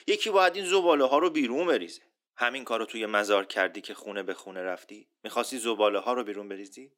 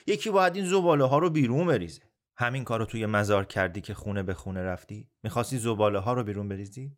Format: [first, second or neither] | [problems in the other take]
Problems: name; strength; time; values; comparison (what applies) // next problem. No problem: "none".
second | thin; somewhat; fading below 250 Hz